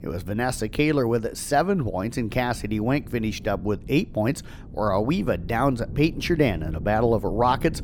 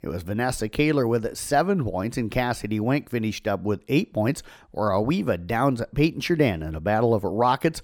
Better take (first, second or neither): second